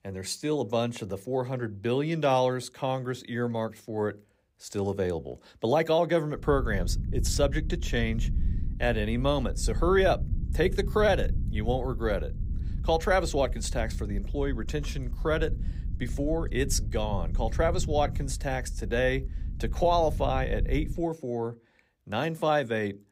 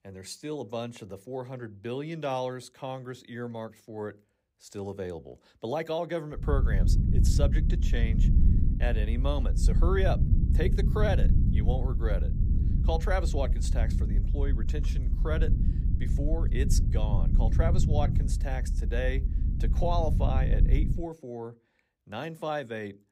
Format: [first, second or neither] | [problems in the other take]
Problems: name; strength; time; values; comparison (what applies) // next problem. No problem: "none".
first | low rumble; loud; from 6.5 to 21 s; 7 dB below the speech; faint in the first